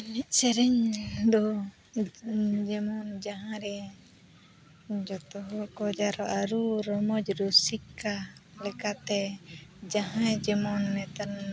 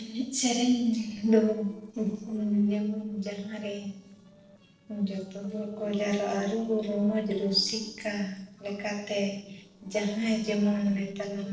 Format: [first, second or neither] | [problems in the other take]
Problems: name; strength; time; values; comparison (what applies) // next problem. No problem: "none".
first | noise reduction (neural separator model SepFormer DNS4)